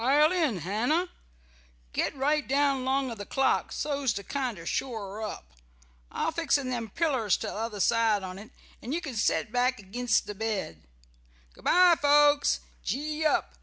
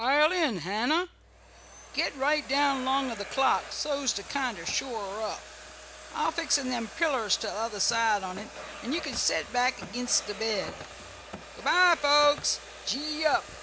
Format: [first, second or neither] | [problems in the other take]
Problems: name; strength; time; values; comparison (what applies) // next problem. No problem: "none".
first | background sound (Domestic sounds, home sounds); 14 dB below the speech